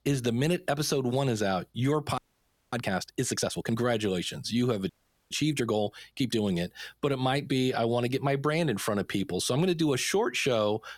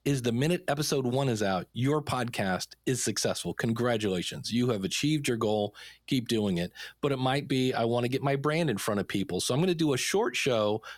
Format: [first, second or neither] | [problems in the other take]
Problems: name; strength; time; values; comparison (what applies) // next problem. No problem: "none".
second | audio freezing; at 2 s for 0.5 s and at 5 s